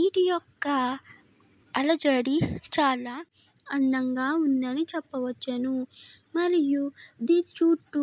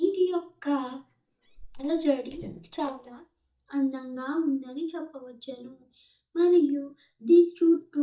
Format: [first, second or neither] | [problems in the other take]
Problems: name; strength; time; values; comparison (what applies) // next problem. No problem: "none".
first | noise reduction (neural mask model DeepFilterNet 3)